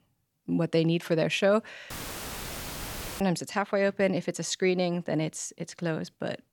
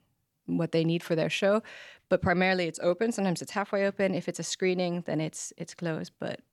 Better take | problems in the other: second | audio cutting out; filled with static; at 2 s for 1.5 s

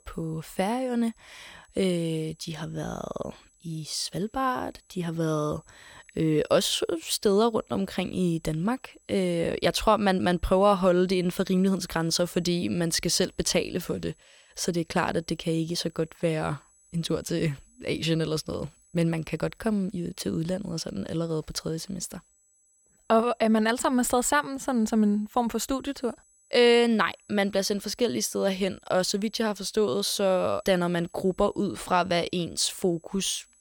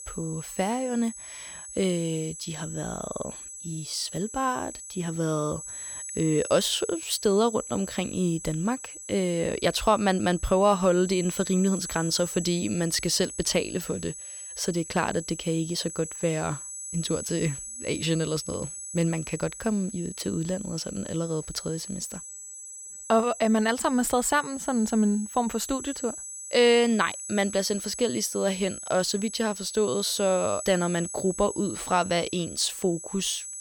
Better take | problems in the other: first | high-pitched whine; loud; throughout; 8 kHz, 10 dB below the speech; faint in the first

